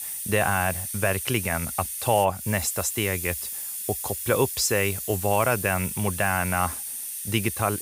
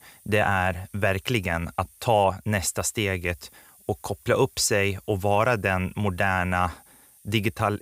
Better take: second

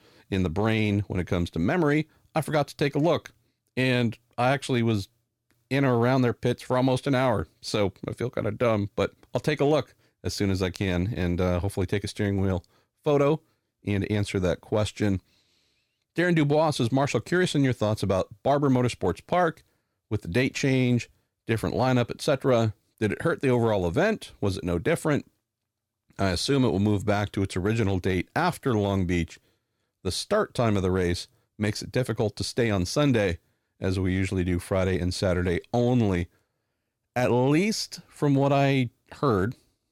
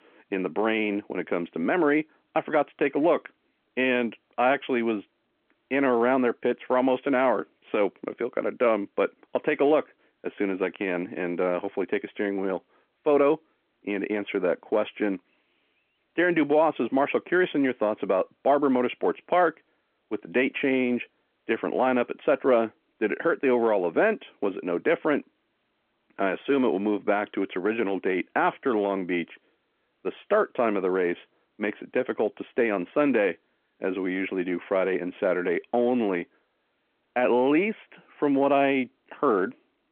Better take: first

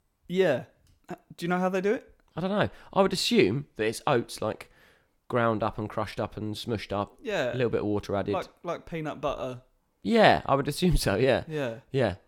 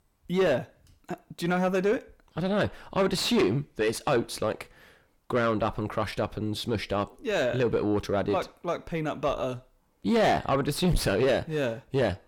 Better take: first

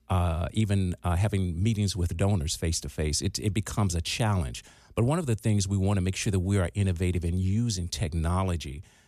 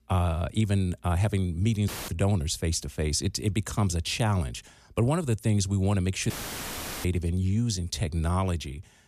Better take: first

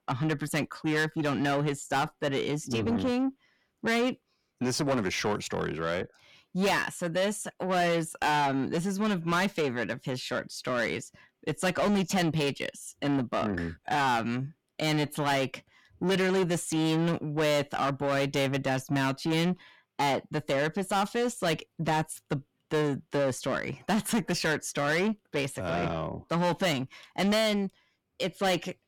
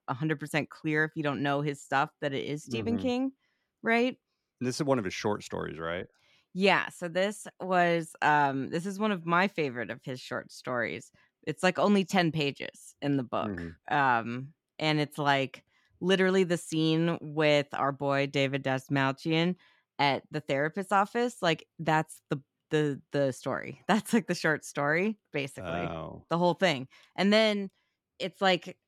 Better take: second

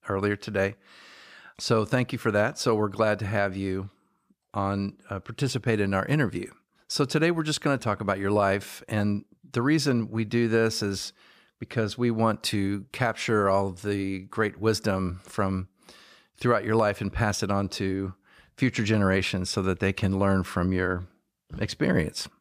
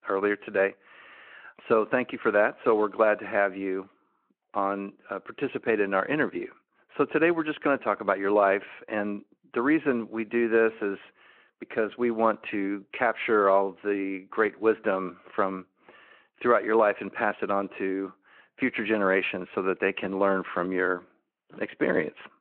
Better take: first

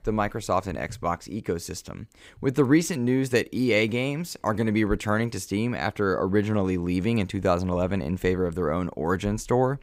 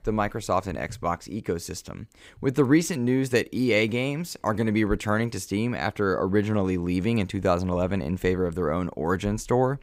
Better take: neither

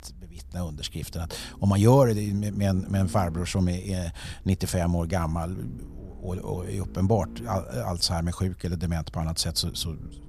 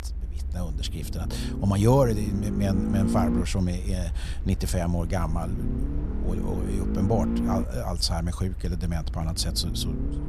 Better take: first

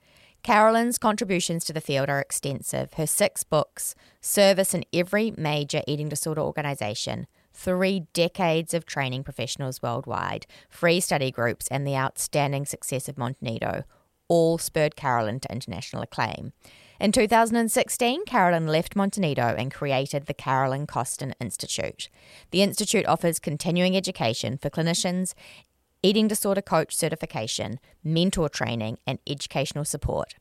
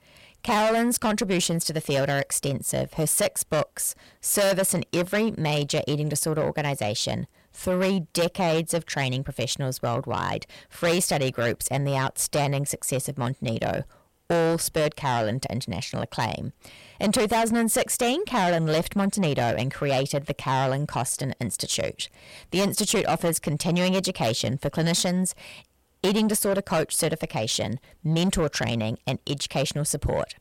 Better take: first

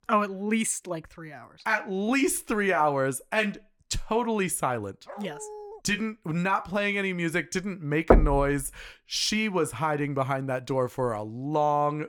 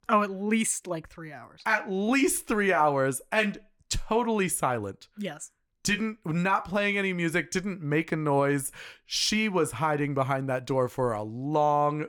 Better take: second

